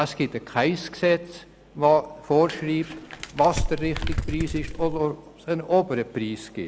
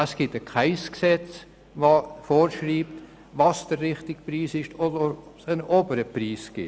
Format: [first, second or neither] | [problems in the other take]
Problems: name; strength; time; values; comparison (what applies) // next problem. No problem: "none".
second | background sound (Crumpling, crinkling); 5 dB below the speech